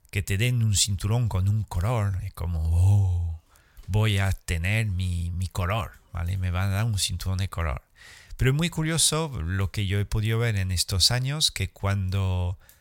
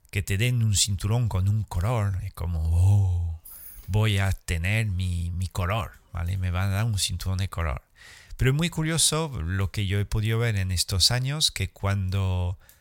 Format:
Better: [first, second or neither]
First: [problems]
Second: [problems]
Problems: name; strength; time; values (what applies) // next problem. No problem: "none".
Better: first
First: none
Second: jangling keys; faint; at 3 s; peak 15 dB below the speech